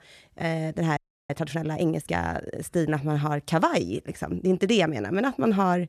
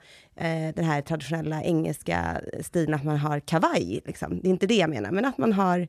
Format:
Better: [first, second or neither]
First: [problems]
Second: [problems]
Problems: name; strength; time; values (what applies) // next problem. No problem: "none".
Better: second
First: audio freezing; at 1 s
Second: none